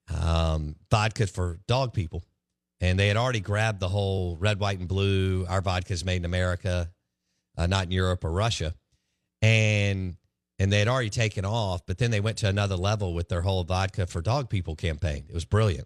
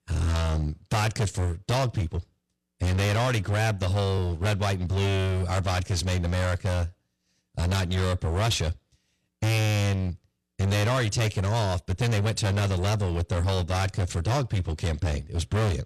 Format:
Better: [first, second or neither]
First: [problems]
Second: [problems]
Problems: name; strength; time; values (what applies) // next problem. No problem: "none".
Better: first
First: none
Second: distortion; heavy; 25% of the sound clipped